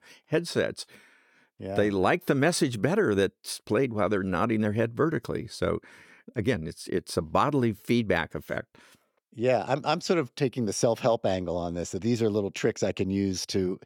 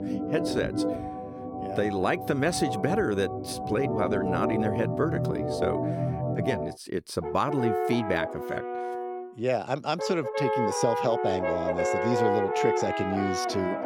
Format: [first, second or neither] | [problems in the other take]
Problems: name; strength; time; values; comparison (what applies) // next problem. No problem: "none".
first | background music; loud; throughout; 1 dB below the speech